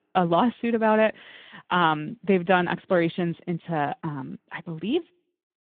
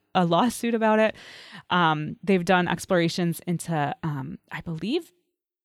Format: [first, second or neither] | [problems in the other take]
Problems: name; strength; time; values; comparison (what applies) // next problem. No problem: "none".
second | phone-call audio